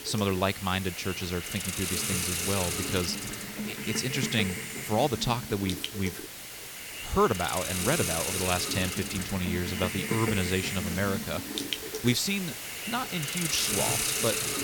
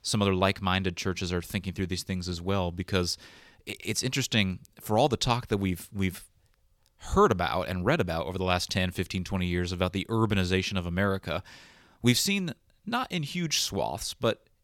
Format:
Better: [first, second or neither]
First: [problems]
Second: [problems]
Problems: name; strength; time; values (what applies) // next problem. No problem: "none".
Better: second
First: hiss; loud; throughout; 1 dB below the speech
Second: none